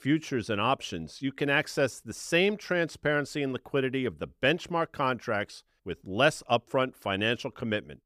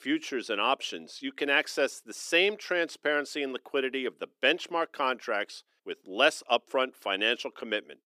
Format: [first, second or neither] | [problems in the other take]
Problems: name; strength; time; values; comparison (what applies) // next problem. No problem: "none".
first | thin; very slightly; fading below 300 Hz